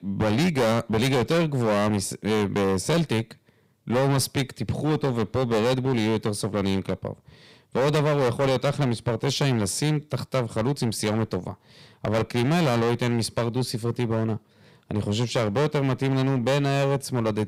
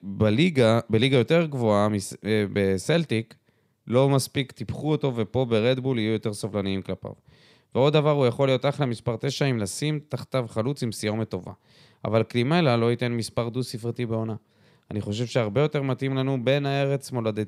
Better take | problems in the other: second | distortion; heavy; 18% of the sound clipped

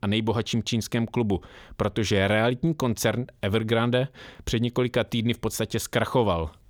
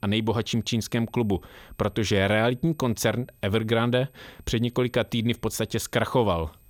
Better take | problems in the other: first | high-pitched whine; faint; throughout; 12 kHz, 35 dB below the speech

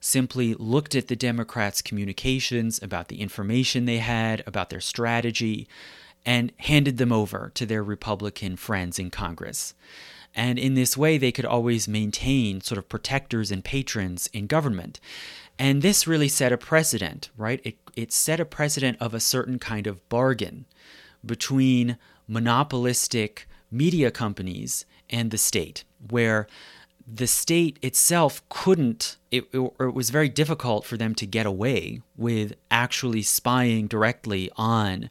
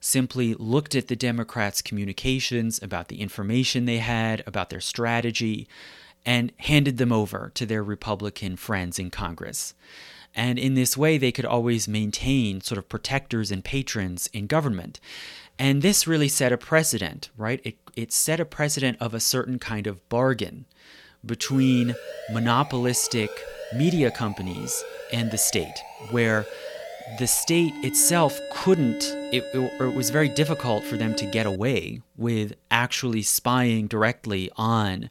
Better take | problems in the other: first | alarm; noticeable; from 21 to 32 s; peak 8 dB below the speech

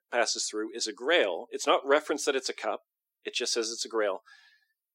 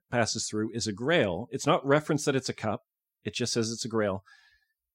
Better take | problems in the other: second | thin; somewhat; fading below 350 Hz

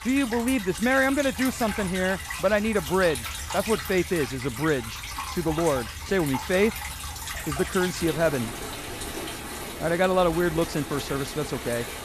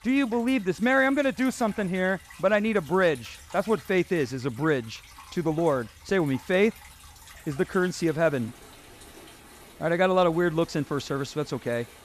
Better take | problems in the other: second | rain or running water; loud; throughout; 8 dB below the speech; faint in the second

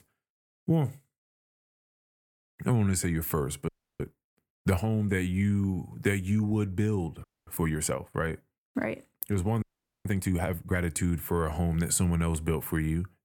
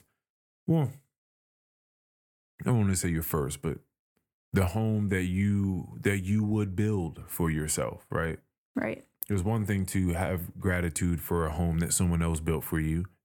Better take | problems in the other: second | audio freezing; at 3.5 s, at 7 s and at 9.5 s

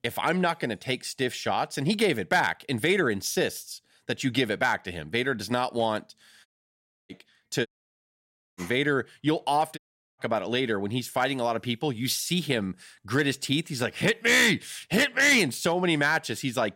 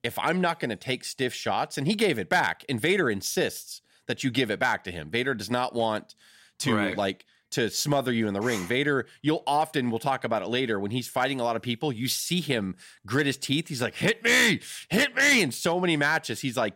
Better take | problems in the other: second | audio cutting out; at 6.5 s for 0.5 s, at 7.5 s for 1 s and at 10 s

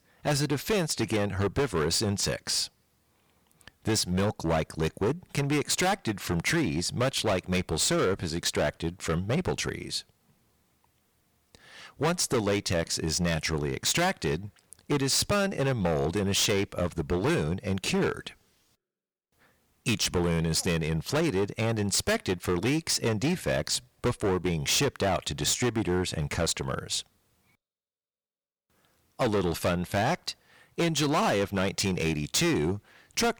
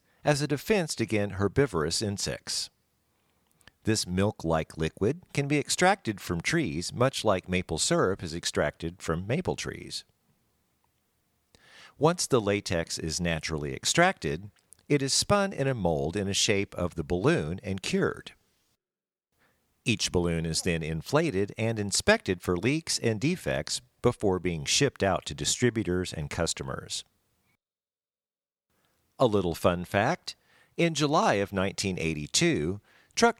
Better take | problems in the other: second | distortion; heavy; 12% of the sound clipped

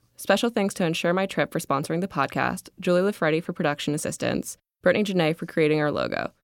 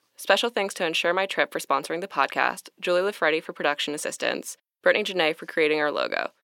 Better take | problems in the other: first | thin; somewhat; fading below 400 Hz

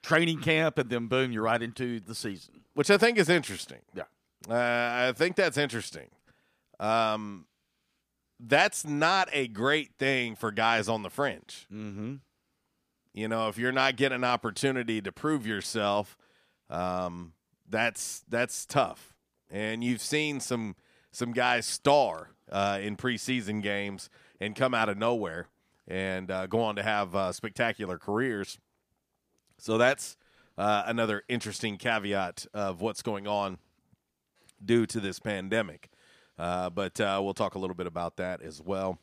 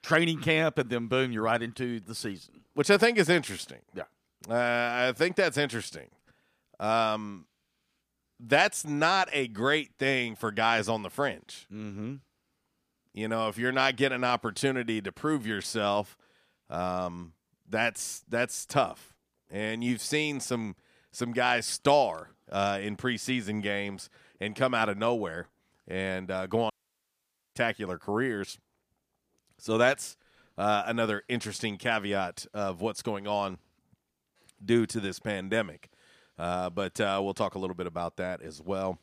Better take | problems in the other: first | audio cutting out; at 27 s for 1 s

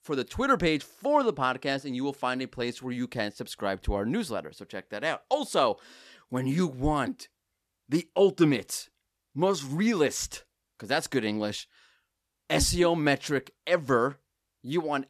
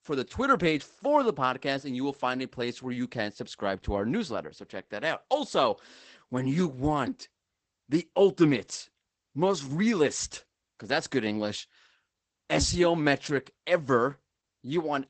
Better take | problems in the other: first | garbled, watery; badly; nothing above 8 kHz

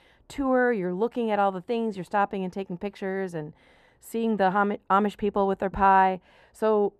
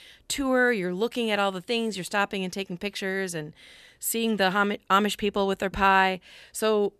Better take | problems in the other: second | muffled; very; fading above 2 kHz

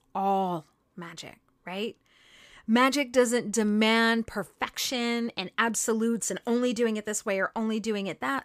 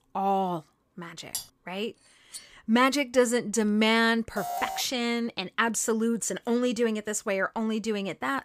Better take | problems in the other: first | clattering dishes; noticeable; at 1.5 s; peak 9 dB below the speech // clattering dishes; faint; at 2.5 s; peak 15 dB below the speech // alarm; noticeable; at 4.5 s; peak 6 dB below the speech

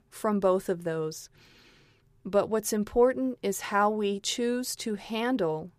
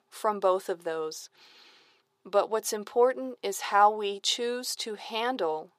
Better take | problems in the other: first | thin; somewhat; fading below 450 Hz

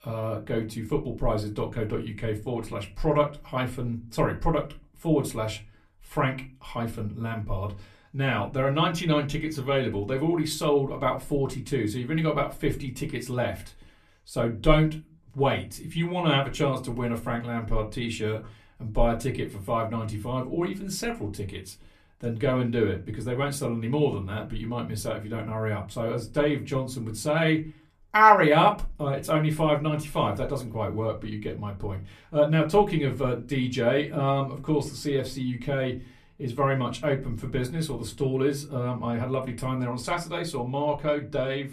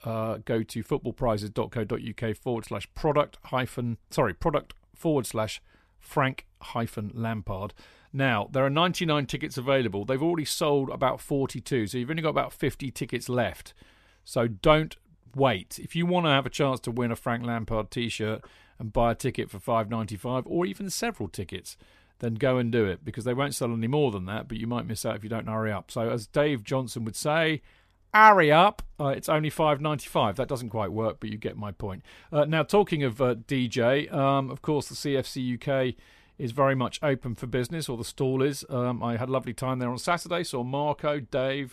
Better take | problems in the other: second | off-mic speech; far // room echo; very slight; dies away in 0.2 s

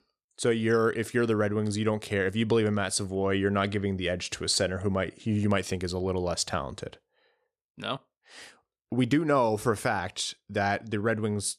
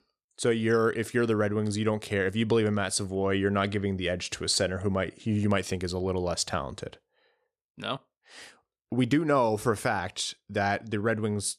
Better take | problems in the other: neither | none

